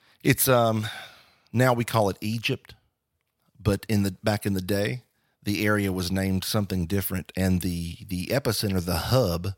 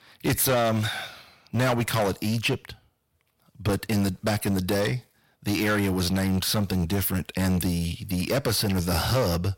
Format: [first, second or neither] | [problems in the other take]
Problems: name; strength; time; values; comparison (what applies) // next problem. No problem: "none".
first | distortion; heavy; 6 dB below the speech